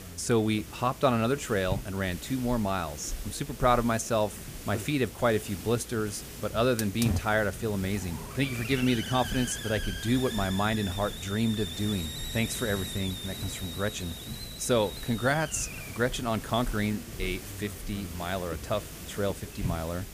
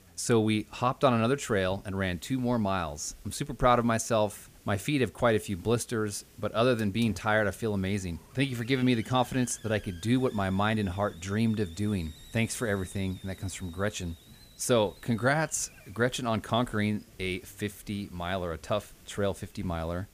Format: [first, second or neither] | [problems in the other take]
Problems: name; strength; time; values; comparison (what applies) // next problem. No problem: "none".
second | hiss; loud; throughout; 8 dB below the speech; faint in the second